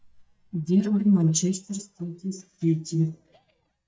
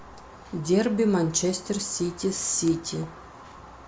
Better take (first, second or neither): second